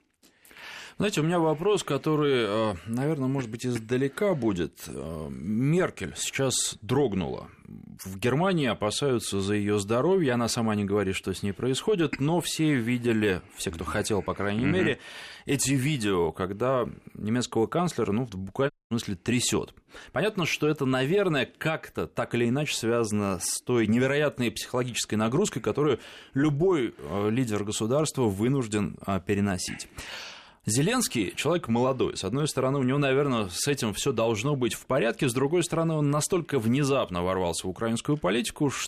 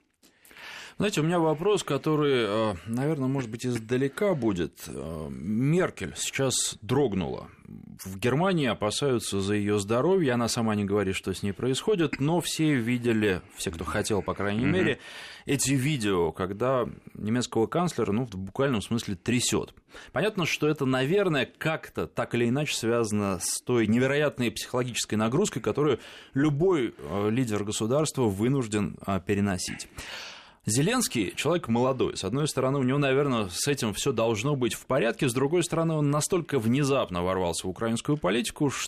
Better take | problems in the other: second | audio cutting out; at 19 s

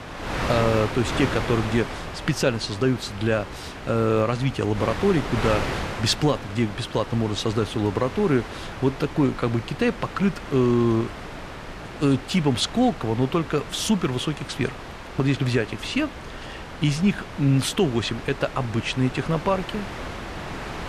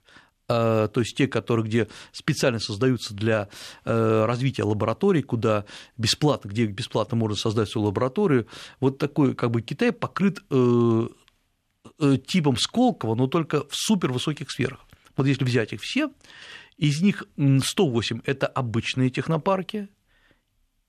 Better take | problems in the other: second | wind noise on the microphone; heavy; 7 dB below the speech

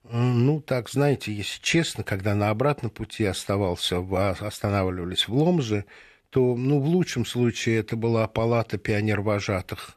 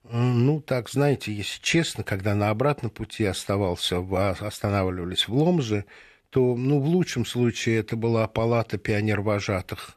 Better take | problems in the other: neither | none

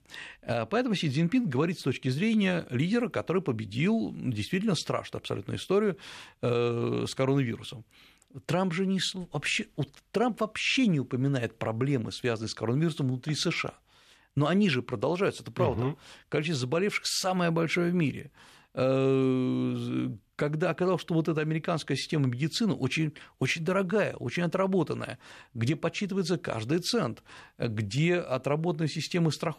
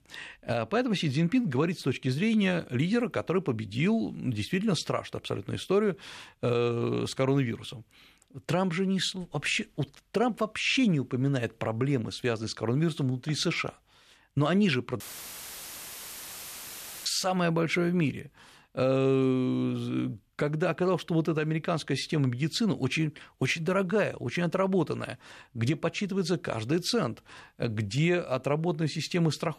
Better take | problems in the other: first | audio cutting out; filled with static; at 15 s for 2 s

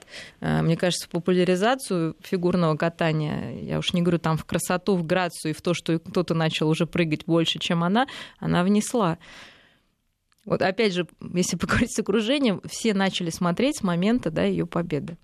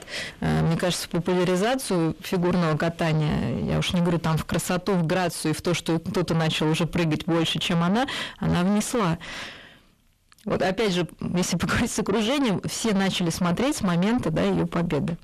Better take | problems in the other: first | distortion; heavy; 6 dB below the speech

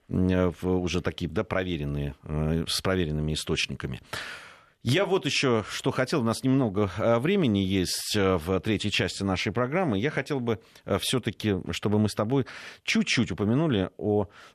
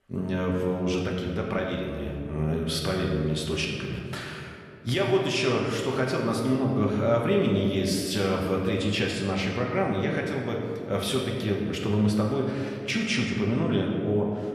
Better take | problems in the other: first | room echo; noticeable; dies away in 1.9 s // off-mic speech; somewhat distant

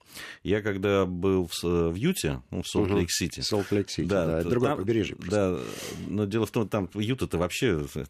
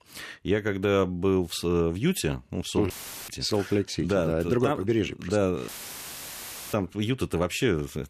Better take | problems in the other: first | audio cutting out; filled with static; at 3 s and at 5.5 s for 1 s

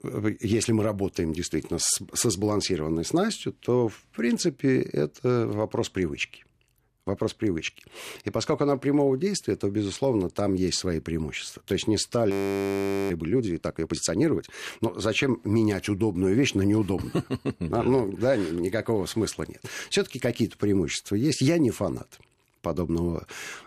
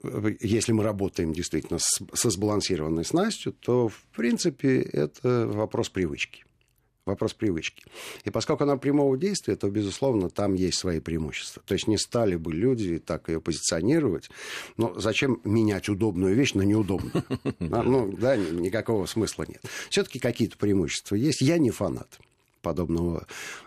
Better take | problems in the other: second | audio freezing; at 12 s for 1 s

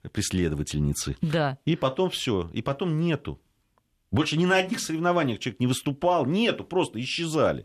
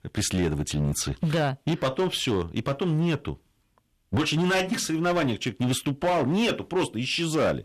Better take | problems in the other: first | distortion; slight; 12% of the sound clipped

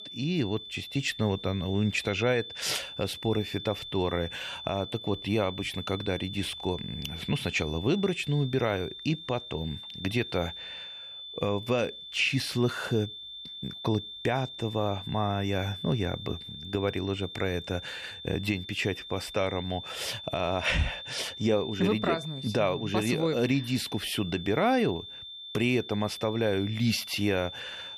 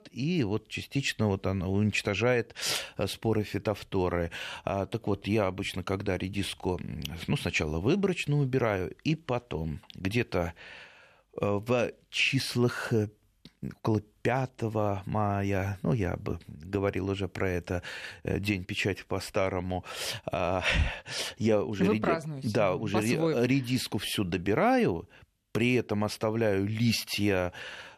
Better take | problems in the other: second | high-pitched whine; loud; throughout; 3.5 kHz, 10 dB below the speech

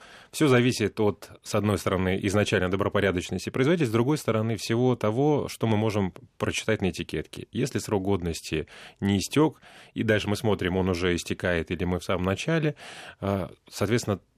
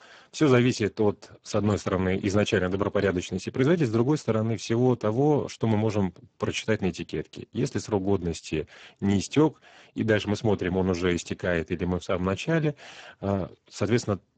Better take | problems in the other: first | garbled, watery; badly; nothing above 8 kHz

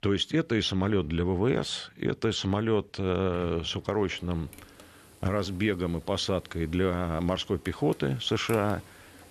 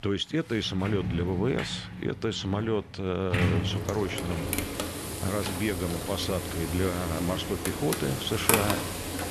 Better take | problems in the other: first | household noises; loud; throughout; 1 dB below the speech; faint in the first

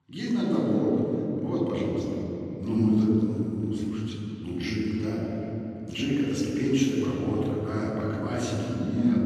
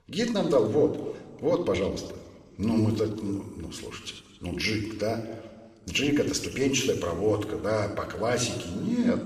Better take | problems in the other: second | room echo; strong; dies away in 3 s; slight in the second // off-mic speech; far; somewhat distant in the second

